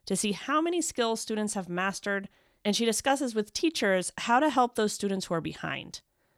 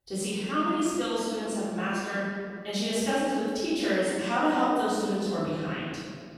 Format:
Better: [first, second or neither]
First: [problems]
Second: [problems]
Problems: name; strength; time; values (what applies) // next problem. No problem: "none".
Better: first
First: none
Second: off-mic speech; far // room echo; strong; dies away in 2 s